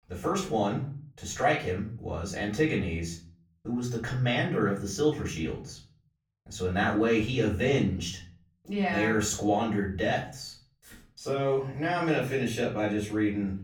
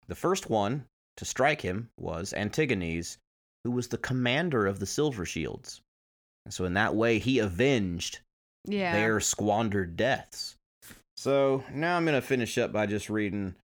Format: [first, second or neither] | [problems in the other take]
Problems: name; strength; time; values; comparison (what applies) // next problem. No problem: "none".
second | off-mic speech; far // room echo; slight; dies away in 0.4 s